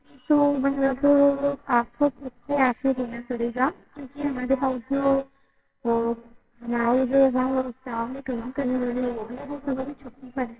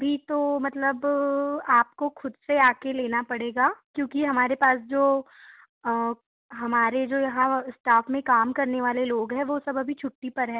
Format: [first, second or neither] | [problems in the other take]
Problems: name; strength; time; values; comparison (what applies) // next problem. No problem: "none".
second | noise reduction (neural separator model SepFormer WHAMR!)